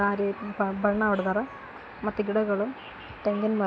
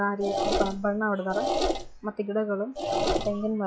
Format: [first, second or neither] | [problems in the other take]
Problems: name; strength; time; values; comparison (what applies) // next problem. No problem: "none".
first | noise reduction (classical method log-MMSE)